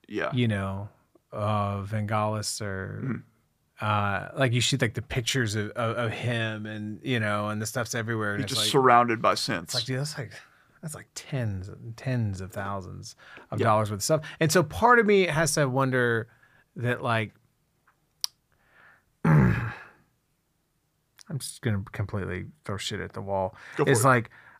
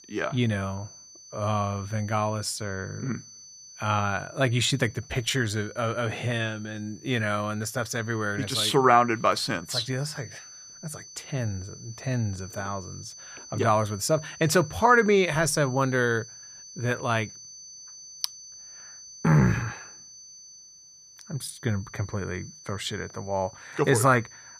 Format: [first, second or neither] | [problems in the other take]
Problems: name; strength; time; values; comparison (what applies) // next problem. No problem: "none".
first | high-pitched whine; noticeable; throughout; 6 kHz, 20 dB below the speech